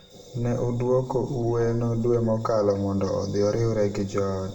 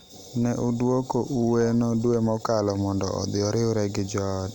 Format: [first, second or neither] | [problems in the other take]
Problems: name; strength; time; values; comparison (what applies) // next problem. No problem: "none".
second | room echo; dies away in 0.7 s